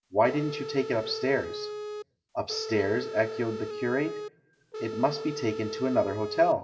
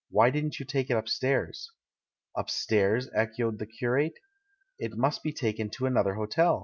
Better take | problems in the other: second | background sound (Telephone); 8 dB below the speech // room echo; dies away in 0.6 s

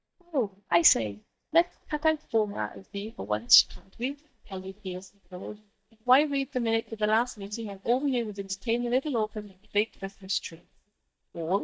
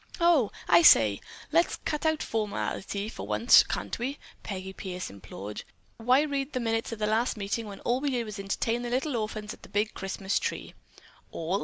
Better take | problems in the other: second | noise reduction (neural mask model DeepFilterNet 3)

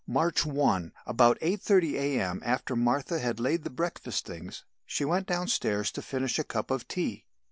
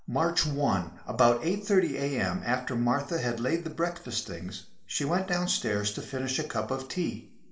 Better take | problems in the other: first | room echo; dies away in 0.8 s

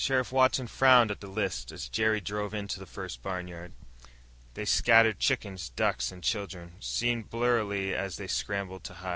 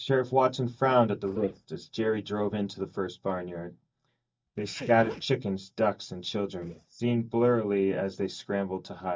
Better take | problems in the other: first | noise reduction (neural mask model DeepFilterNet 3)

